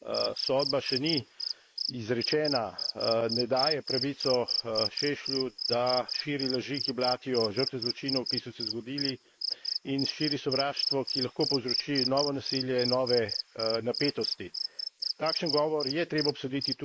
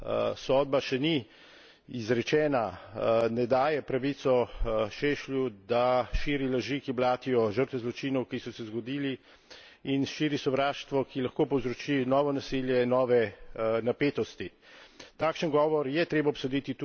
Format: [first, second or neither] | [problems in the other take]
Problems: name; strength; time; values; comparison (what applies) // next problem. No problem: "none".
second | noise reduction (neural mask model Resemble Enhance denoiser)